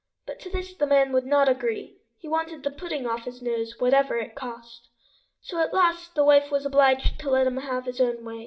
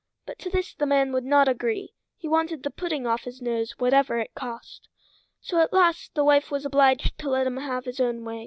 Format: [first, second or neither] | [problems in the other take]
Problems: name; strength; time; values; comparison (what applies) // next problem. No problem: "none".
second | room echo; dies away in 0.4 s